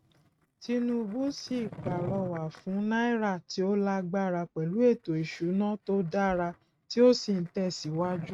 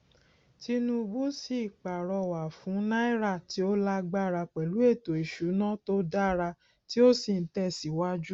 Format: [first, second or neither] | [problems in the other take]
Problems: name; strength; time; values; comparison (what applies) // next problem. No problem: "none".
second | noise reduction (neural mask model RNNoise)